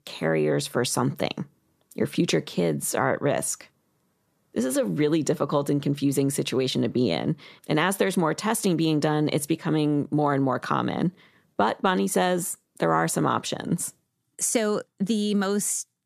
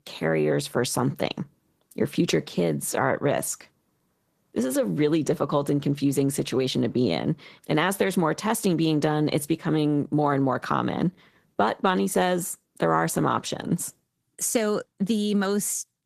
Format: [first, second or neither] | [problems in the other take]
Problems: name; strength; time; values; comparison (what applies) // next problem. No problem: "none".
first | garbled, watery; slightly; nothing above 14.5 kHz